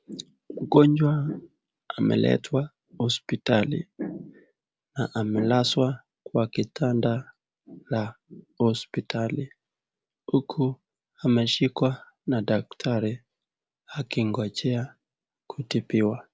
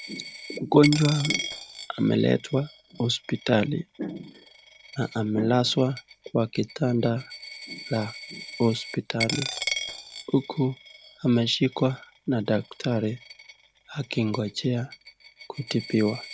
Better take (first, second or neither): first